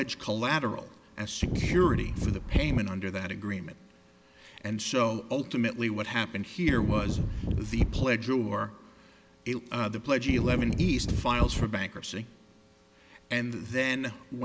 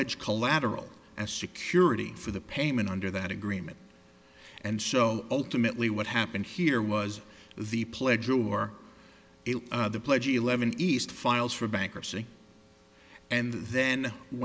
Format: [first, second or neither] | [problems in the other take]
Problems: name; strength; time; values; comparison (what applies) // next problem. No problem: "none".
second | background sound (Wind); 2 dB above the speech